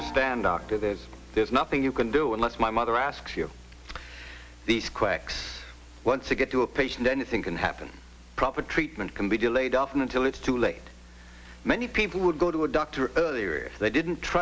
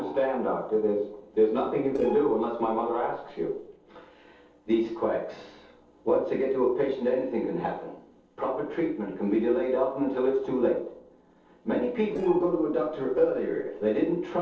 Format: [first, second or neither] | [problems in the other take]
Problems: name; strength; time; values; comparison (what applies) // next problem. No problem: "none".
first | noise reduction (neural separator model SepFormer DNS4)